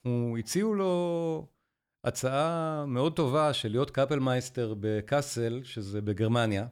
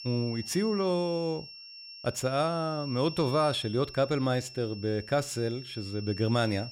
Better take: first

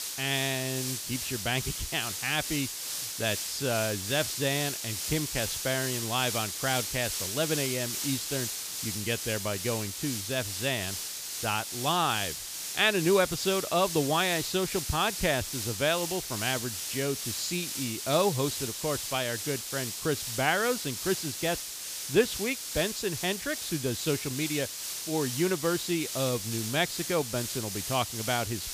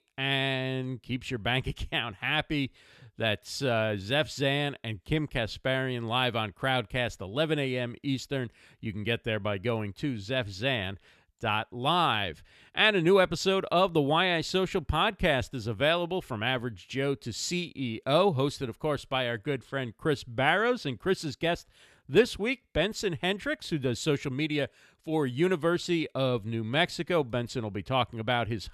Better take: second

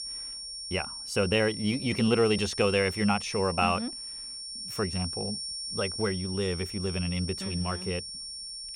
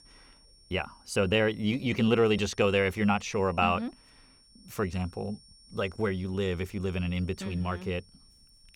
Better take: second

